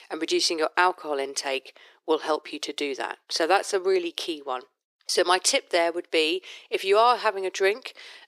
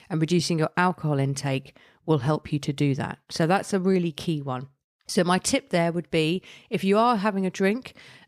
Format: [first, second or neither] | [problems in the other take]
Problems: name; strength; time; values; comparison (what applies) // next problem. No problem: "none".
second | thin; very; fading below 350 Hz